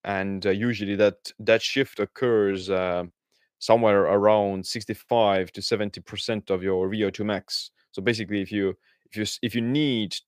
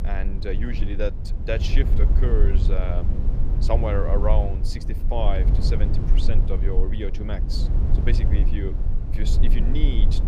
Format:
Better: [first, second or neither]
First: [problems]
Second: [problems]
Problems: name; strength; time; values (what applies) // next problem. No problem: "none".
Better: first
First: none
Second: low rumble; loud; throughout; 7 dB below the speech